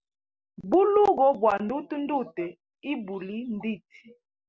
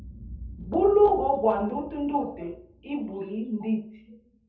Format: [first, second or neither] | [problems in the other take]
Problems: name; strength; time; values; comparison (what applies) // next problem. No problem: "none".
first | background sound (Boom); 18 dB below the speech // room echo; dies away in 0.7 s